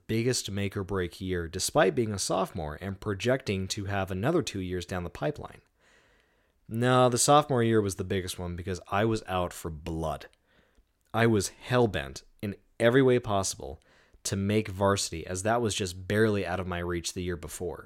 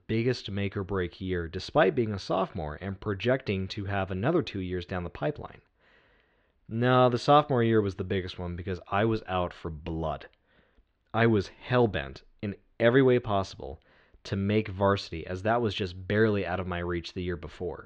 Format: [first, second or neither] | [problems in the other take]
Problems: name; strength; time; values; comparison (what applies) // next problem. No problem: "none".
first | muffled; slightly; fading above 4 kHz